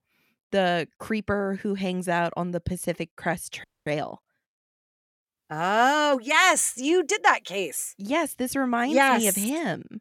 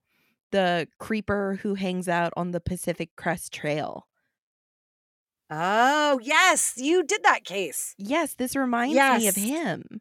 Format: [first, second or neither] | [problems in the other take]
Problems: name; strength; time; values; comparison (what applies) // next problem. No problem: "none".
second | audio freezing; at 3.5 s